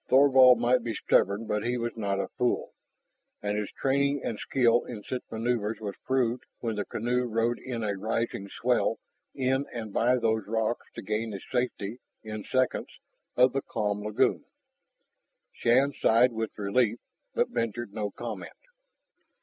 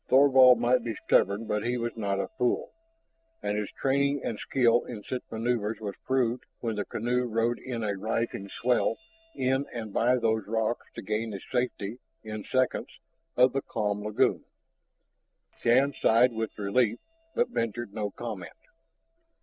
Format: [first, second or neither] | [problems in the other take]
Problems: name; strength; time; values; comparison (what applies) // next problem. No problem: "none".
first | noise reduction (neural separator model SepFormer DNS4)